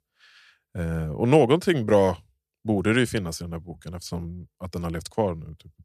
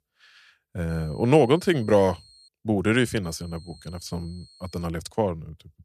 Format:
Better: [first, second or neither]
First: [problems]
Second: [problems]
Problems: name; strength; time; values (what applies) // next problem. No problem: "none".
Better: first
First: none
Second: high-pitched whine; faint; from 1 to 2.5 s and from 3 to 5 s; 4 kHz, 25 dB below the speech